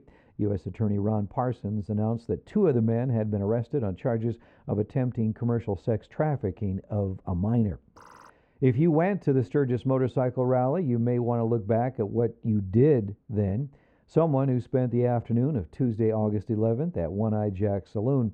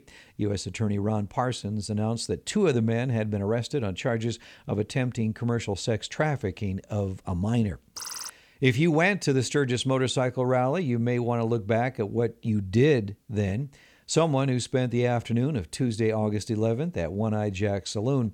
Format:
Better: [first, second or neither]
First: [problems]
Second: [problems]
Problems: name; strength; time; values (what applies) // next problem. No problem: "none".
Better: second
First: muffled; very; fading above 2.5 kHz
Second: none